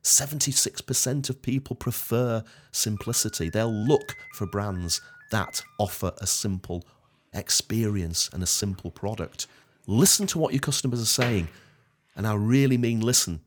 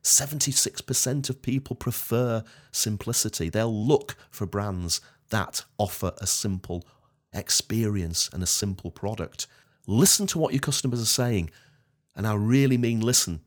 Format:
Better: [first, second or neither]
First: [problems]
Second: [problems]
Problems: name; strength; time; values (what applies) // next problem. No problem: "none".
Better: second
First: door banging; noticeable; from 10 to 11 s; peak 7 dB below the speech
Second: none